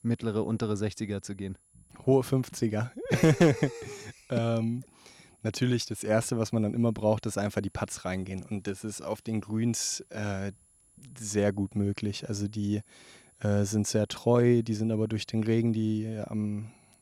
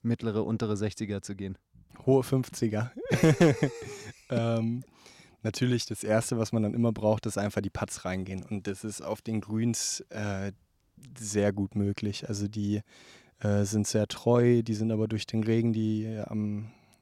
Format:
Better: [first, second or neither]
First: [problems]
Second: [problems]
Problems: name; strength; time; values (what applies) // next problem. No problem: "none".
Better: second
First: high-pitched whine; faint; throughout; 10.5 kHz, 30 dB below the speech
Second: none